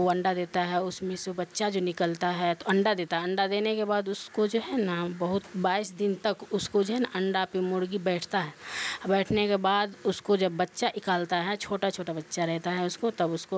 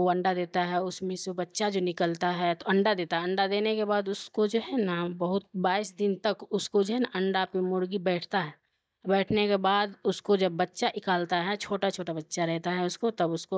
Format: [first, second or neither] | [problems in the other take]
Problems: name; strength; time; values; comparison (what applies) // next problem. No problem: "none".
first | noise reduction (neural mask model DeepFilterNet 3)